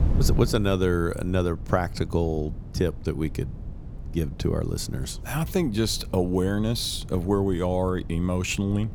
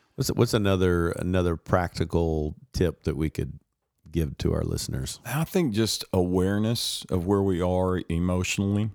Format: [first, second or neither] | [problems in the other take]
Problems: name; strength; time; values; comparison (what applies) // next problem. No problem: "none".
second | wind noise on the microphone; occasional gusts; 20 dB below the speech